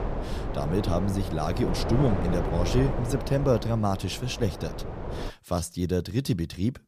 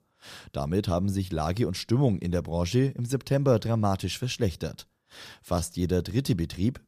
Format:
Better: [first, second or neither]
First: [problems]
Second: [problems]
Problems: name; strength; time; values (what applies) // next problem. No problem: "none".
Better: second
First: wind noise on the microphone; heavy; until 5.5 s; 4 dB below the speech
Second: none